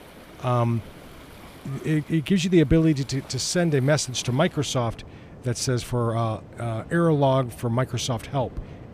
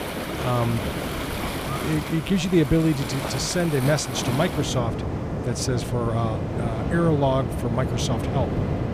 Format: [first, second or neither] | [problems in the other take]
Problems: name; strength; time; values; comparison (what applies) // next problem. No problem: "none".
first | rain or running water; loud; throughout; 4 dB below the speech; faint in the first